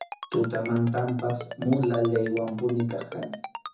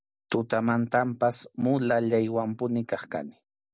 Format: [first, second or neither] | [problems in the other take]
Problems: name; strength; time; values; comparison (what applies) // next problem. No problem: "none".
second | background sound (Ringtone); 13 dB below the speech // room echo; dies away in 0.6 s